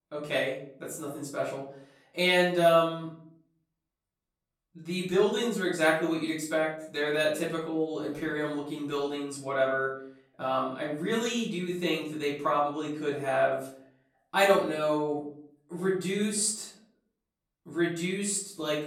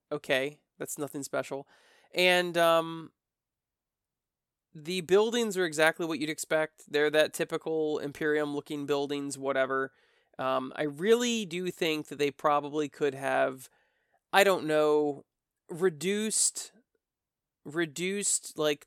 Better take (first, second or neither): second